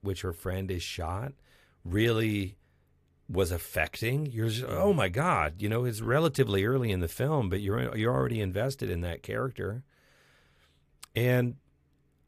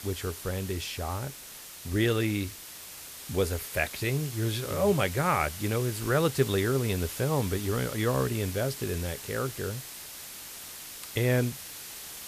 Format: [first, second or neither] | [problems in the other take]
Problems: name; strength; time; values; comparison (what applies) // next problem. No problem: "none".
first | hiss; noticeable; throughout; 10 dB below the speech